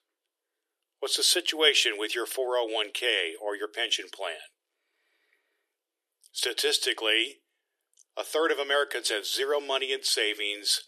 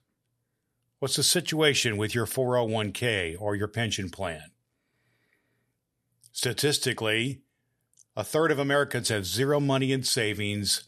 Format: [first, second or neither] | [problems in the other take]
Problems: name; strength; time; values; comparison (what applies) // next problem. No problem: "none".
second | thin; very; fading below 350 Hz